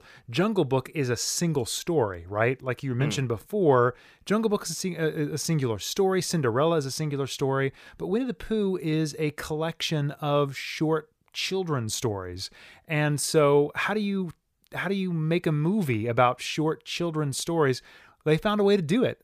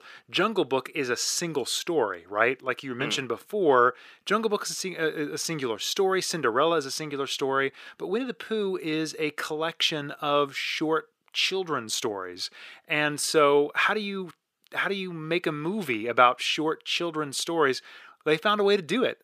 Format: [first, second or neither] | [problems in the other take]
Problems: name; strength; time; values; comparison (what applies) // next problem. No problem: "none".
first | thin; somewhat; fading below 300 Hz